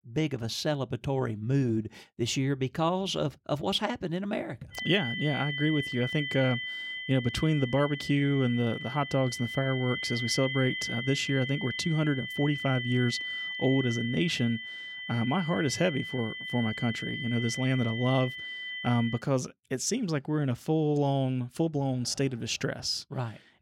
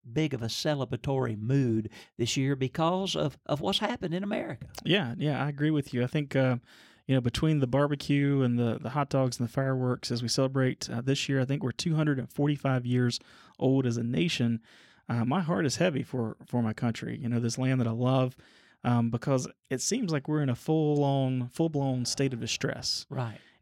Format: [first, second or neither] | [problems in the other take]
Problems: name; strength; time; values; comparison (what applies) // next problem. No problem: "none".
second | high-pitched whine; loud; from 5 to 19 s; 2 kHz, 5 dB below the speech